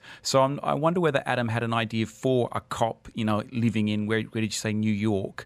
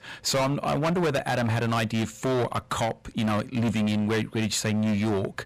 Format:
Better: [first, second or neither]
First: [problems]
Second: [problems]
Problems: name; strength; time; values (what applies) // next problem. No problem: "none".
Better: first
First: none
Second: distortion; heavy; 23% of the sound clipped